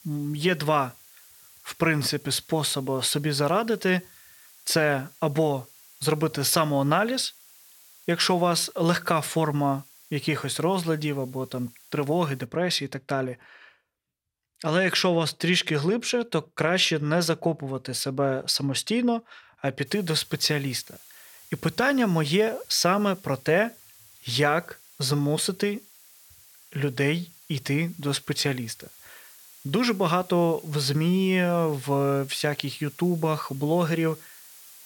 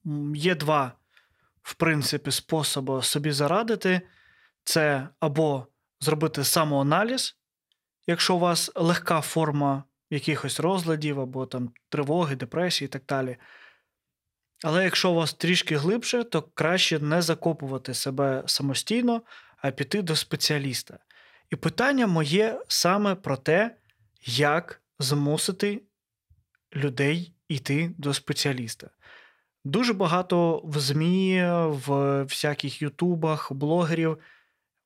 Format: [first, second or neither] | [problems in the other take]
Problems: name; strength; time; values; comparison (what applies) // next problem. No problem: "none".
second | hiss; faint; until 12 s and from 20 s on; 25 dB below the speech